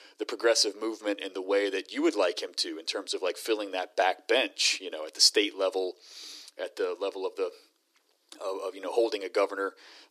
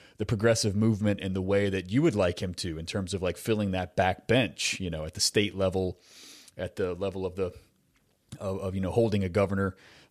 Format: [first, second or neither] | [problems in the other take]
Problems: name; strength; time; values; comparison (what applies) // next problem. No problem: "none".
second | thin; very; fading below 300 Hz